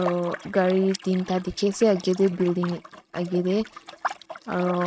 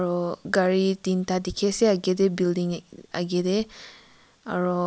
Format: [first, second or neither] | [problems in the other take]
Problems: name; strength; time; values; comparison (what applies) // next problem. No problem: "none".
second | noise reduction (neural mask model RNNoise)